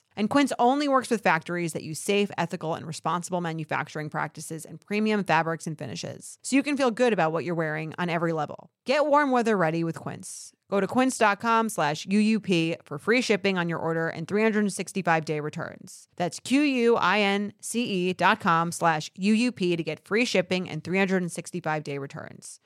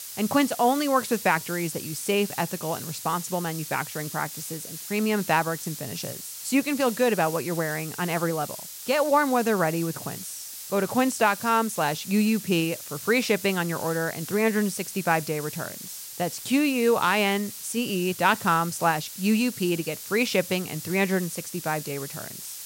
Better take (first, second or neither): first